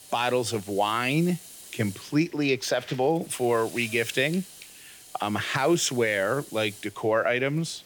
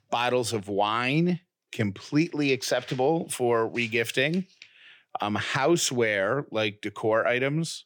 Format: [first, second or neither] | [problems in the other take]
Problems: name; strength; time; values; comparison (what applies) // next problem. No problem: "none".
second | hiss; noticeable; throughout; 20 dB below the speech